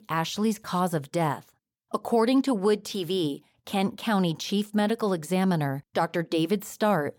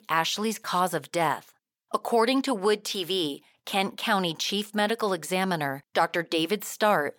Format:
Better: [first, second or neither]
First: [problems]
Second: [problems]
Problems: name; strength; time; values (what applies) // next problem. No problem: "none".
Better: first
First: none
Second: thin; somewhat; fading below 1 kHz